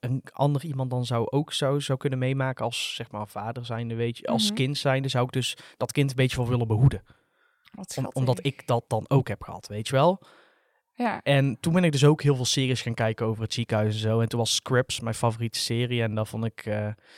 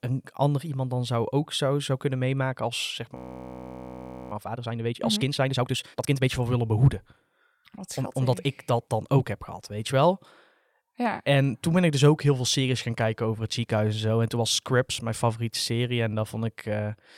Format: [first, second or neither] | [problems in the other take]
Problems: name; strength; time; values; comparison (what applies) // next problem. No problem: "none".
first | audio freezing; at 3 s for 1 s